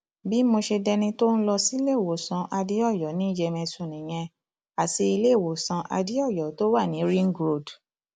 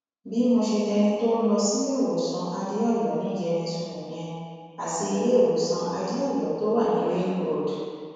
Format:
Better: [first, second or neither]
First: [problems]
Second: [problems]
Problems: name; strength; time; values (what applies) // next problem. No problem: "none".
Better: first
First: none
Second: room echo; dies away in 1.9 s